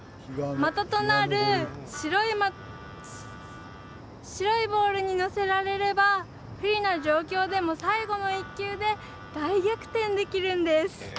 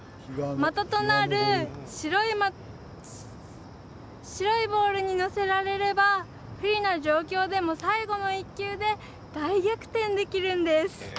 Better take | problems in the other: second | background sound (Harmonica); 19 dB below the speech

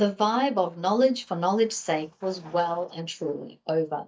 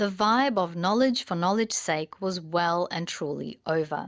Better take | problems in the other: second | noise reduction (neural mask model DeepFilterNet 3)

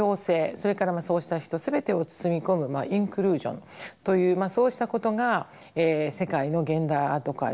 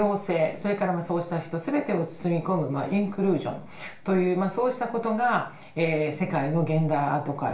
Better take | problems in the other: first | room echo; dies away in 0.4 s

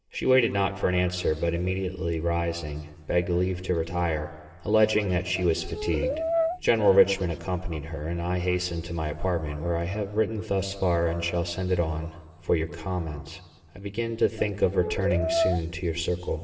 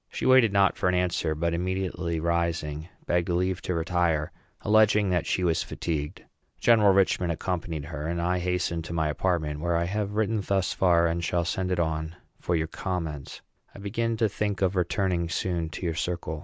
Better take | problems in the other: second | background sound (Brass instrument); 3 dB below the speech // room echo; dies away in 1.6 s

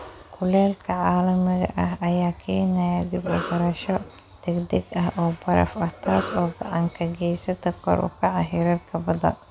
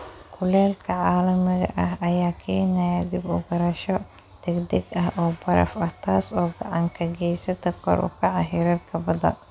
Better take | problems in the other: second | background sound (Cough); 14 dB below the speech

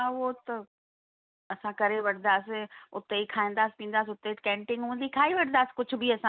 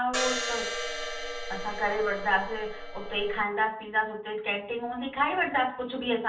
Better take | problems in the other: first | background sound (Crash cymbal); 4 dB below the speech // room echo; dies away in 0.4 s

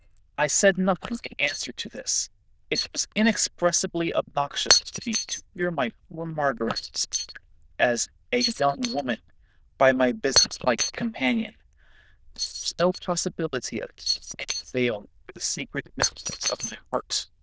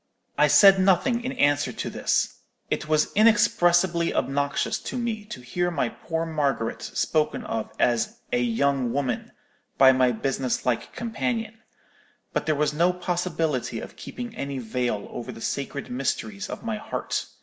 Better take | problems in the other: second | noise reduction (neural diffusion model UNIVERSE++)

